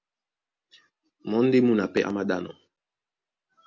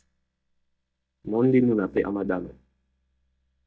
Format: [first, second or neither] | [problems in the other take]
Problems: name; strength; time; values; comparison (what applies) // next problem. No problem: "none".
first | noise reduction (neural mask model DeepFilterNet 3)